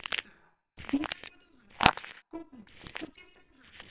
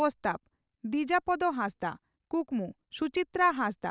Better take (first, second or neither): second